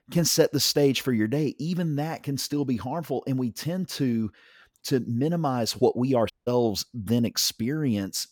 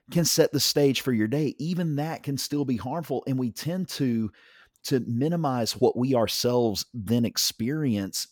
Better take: second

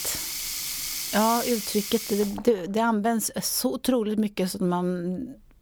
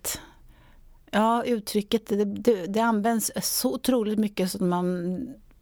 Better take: second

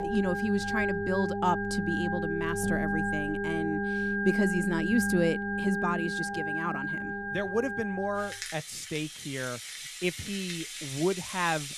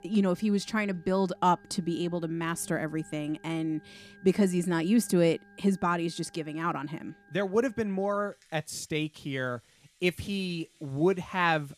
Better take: second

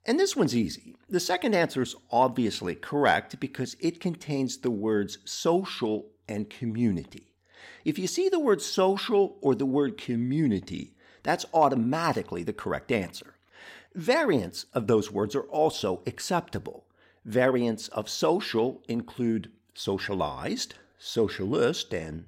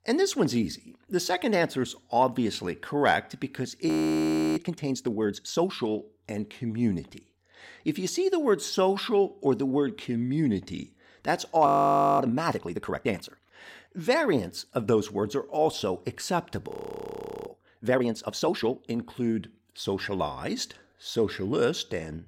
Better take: first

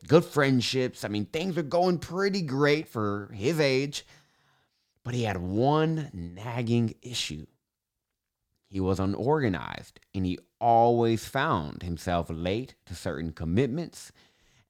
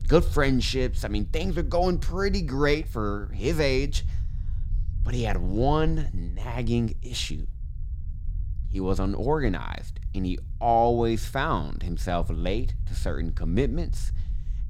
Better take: first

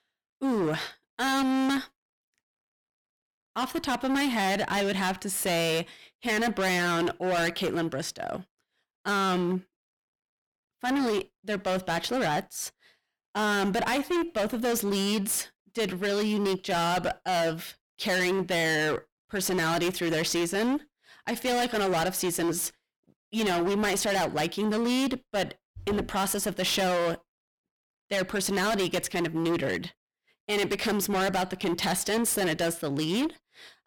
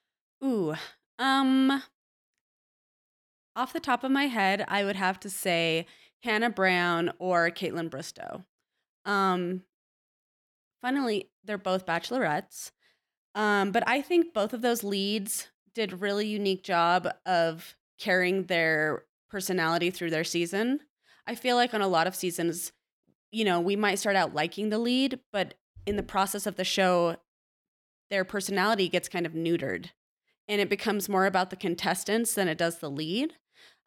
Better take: second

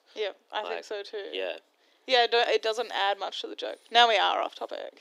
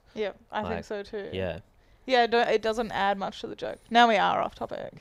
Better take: second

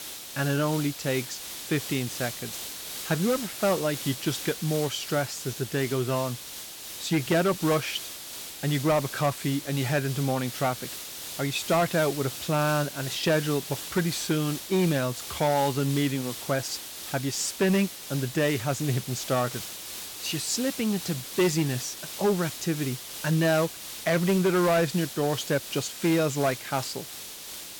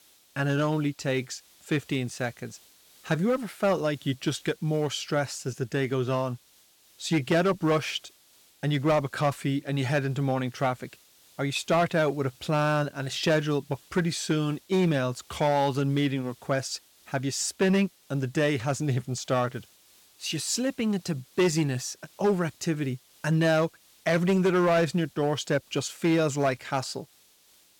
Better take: second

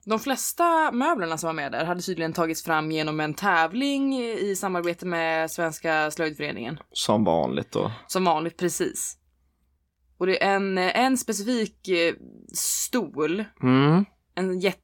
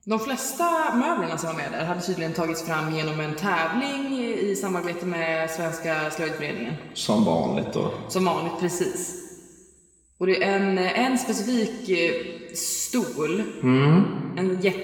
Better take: first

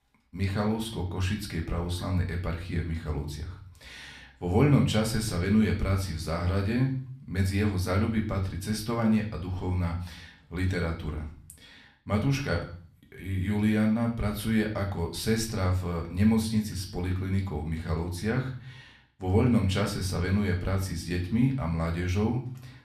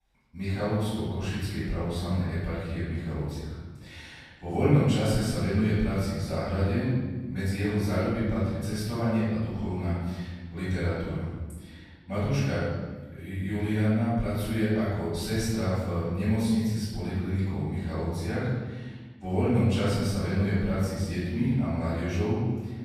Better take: first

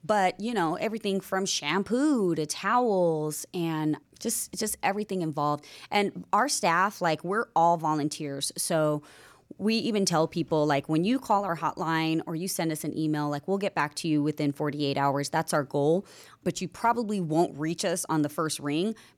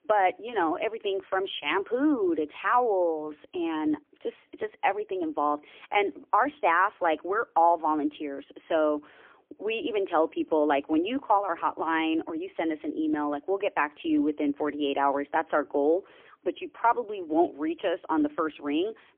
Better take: first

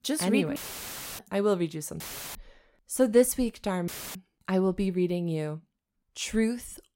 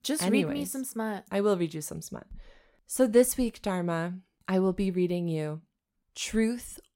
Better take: second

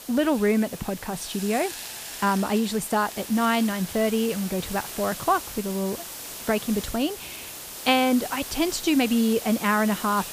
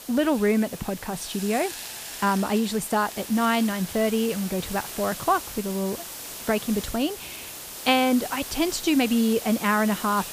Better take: neither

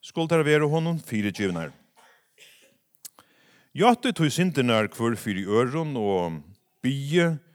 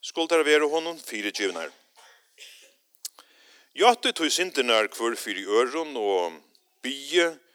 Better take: first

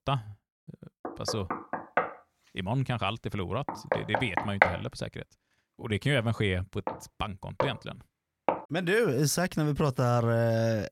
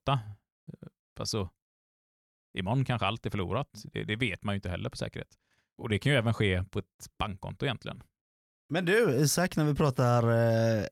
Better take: second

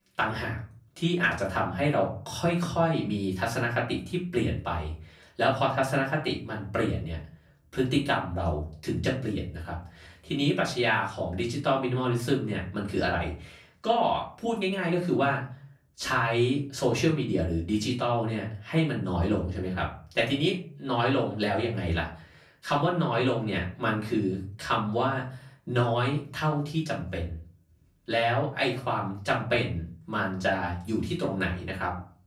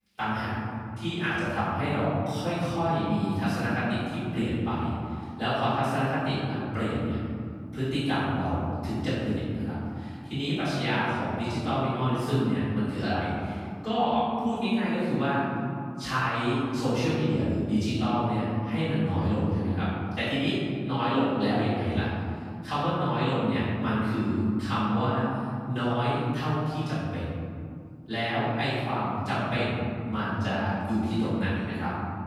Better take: first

